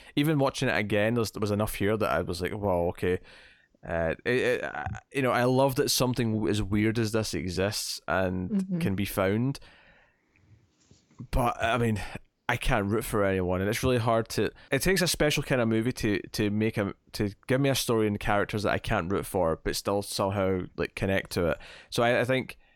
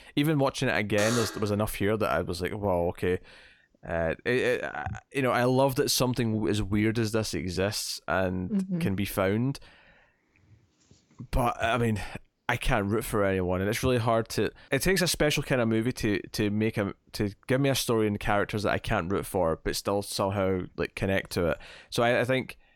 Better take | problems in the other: first | alarm; noticeable; at 1 s; peak 3 dB below the speech

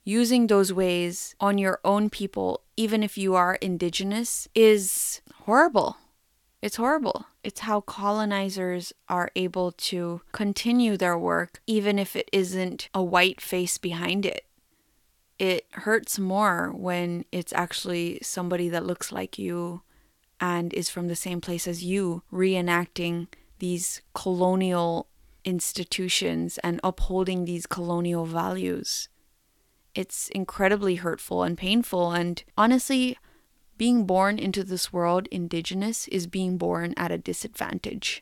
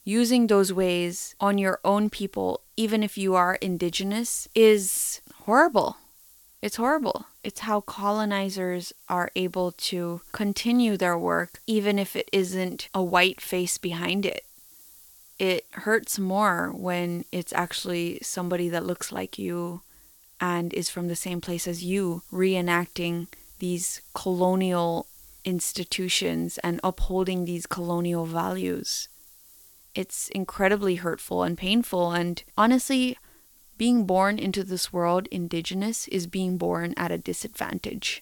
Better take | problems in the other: first | hiss; faint; throughout; 25 dB below the speech

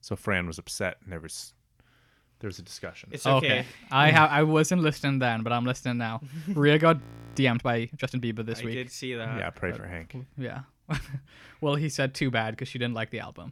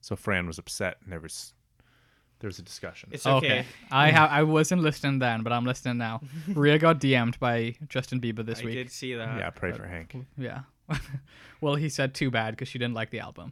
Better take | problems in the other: second | audio freezing; at 7 s

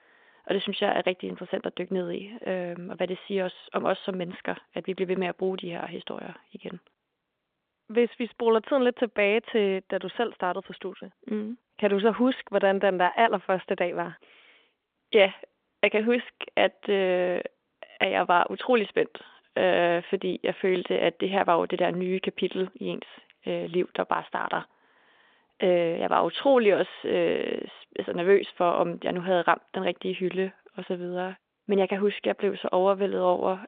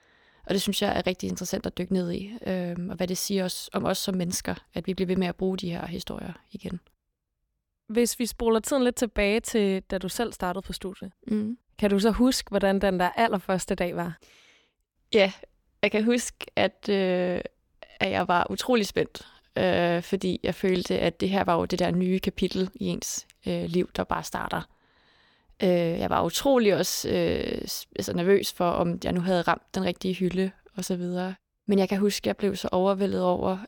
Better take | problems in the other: second | phone-call audio

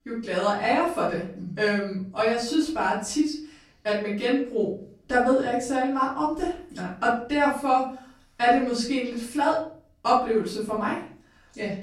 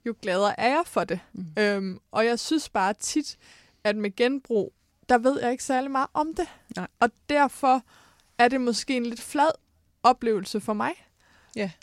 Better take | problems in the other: second | off-mic speech; far // room echo; noticeable; dies away in 0.5 s

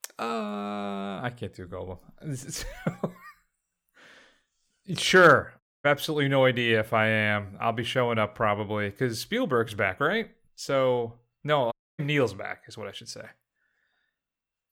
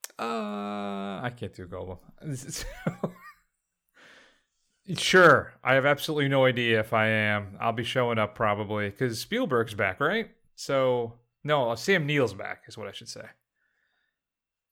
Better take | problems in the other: second | audio cutting out; at 5.5 s and at 12 s

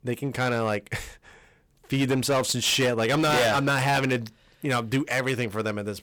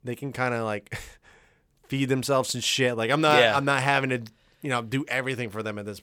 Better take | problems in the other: second | distortion; heavy; 11% of the sound clipped

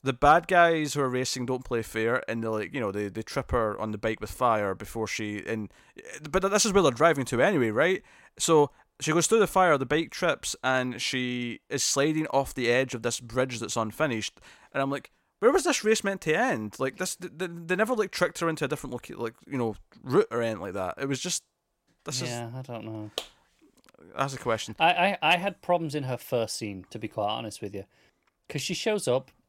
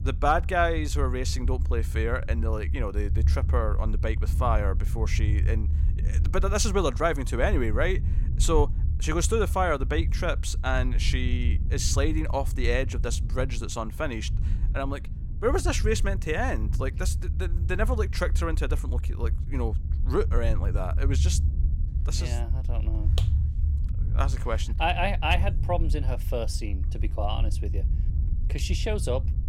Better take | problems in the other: first | low rumble; noticeable; throughout; 15 dB below the speech

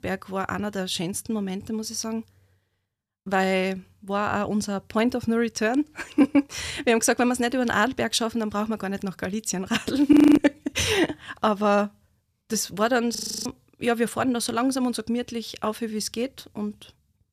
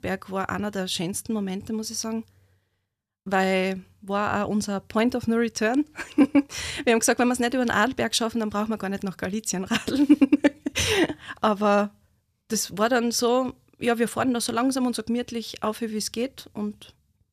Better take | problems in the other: second | audio freezing; at 10 s and at 13 s

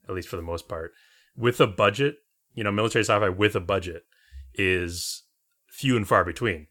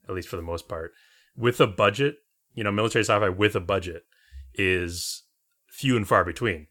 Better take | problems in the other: neither | none

